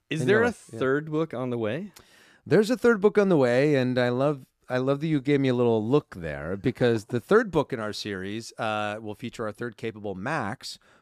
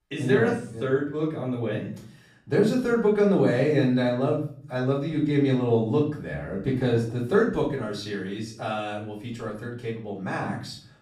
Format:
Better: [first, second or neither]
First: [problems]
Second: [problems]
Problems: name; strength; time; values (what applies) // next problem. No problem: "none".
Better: first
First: none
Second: off-mic speech; far // room echo; noticeable; dies away in 0.5 s